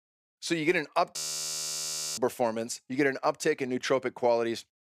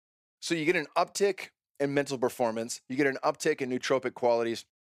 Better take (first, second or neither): second